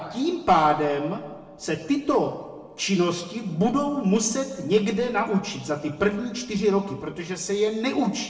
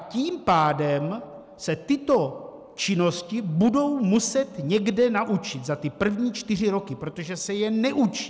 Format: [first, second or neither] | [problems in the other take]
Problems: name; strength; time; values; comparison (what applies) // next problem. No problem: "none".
second | room echo; dies away in 0.9 s